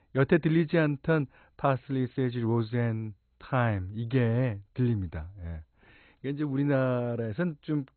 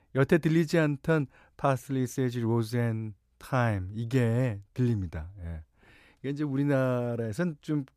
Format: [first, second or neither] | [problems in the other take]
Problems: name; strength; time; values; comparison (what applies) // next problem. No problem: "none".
second | garbled, watery; badly; nothing above 4 kHz